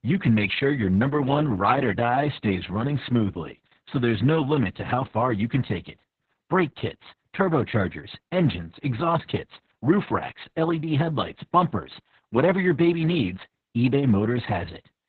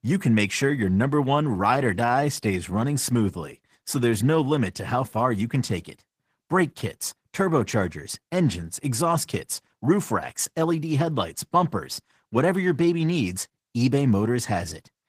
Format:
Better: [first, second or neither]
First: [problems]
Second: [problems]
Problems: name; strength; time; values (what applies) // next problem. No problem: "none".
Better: second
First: garbled, watery; badly; nothing above 4 kHz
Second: garbled, watery; slightly; nothing above 15 kHz